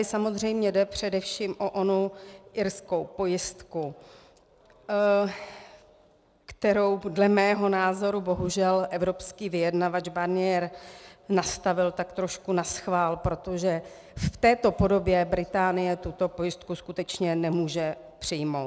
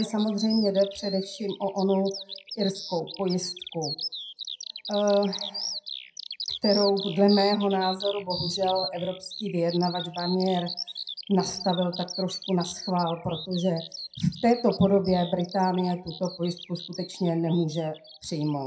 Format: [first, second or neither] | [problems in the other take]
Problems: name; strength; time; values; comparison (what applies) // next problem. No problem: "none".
first | noise reduction (classical method WPE with log-MMSE)